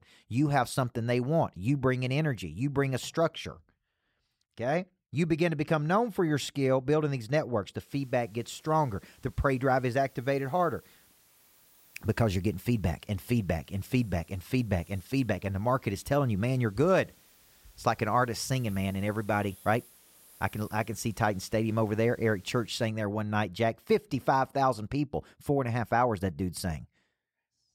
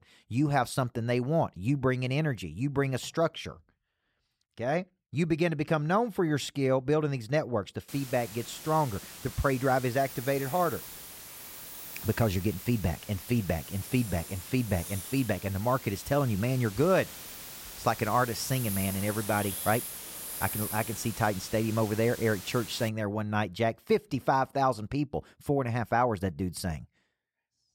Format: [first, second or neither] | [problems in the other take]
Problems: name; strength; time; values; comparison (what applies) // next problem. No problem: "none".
first | hiss; loud; from 8 to 23 s; 10 dB below the speech; faint in the first